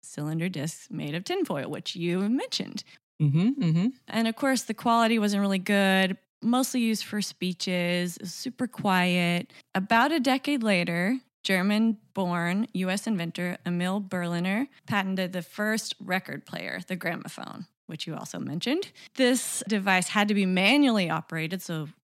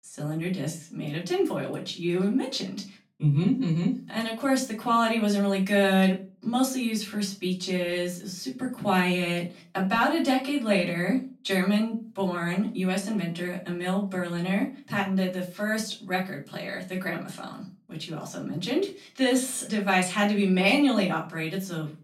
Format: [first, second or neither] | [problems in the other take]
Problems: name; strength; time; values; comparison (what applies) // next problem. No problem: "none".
first | room echo; slight; dies away in 0.3 s // off-mic speech; far